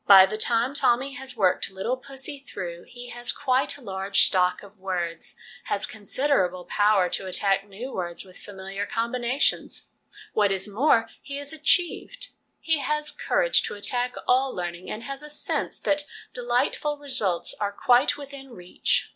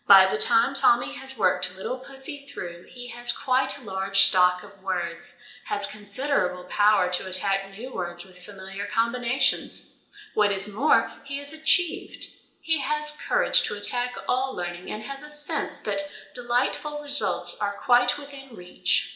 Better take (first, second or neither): first